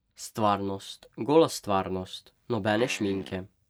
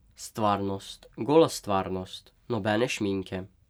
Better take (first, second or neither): second